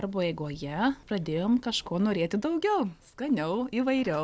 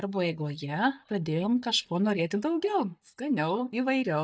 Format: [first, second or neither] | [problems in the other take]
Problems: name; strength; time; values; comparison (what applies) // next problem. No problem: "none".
first | noise reduction (neural mask model DeepFilterNet 3)